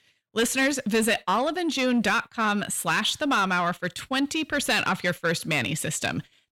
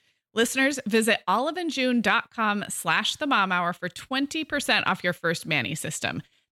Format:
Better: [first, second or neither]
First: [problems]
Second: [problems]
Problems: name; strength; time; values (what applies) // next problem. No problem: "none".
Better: second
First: distortion; slight; 10 dB below the speech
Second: none